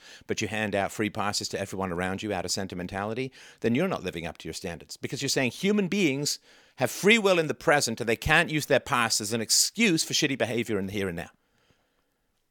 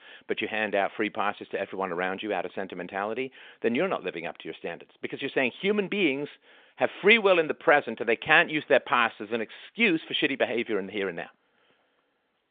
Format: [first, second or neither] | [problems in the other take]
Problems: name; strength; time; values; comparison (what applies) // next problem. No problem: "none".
first | phone-call audio; nothing above 3 kHz